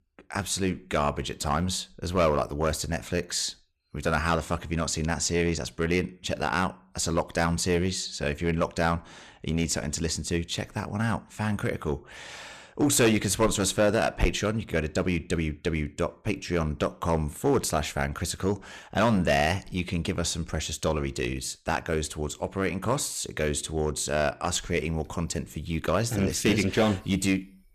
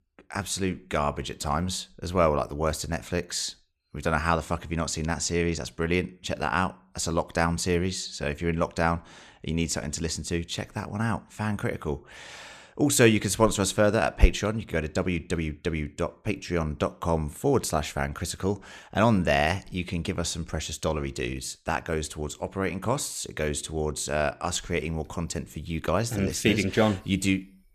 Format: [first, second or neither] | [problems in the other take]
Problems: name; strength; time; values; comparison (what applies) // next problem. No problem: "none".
second | distortion; slight; 3% of the sound clipped